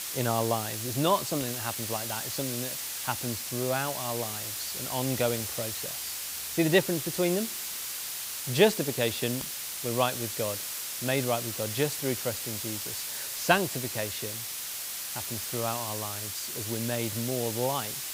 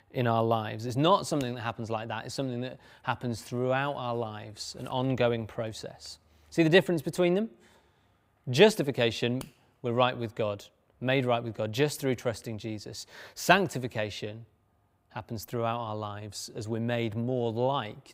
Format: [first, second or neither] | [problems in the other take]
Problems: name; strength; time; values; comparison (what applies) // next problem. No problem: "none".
second | hiss; loud; throughout; 2 dB below the speech